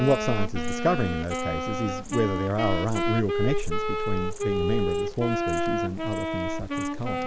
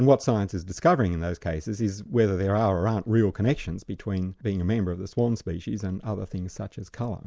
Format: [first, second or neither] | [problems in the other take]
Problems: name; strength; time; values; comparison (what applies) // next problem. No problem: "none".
second | background sound (Wind instrument, woodwind instrument + Insect); 1 dB above the speech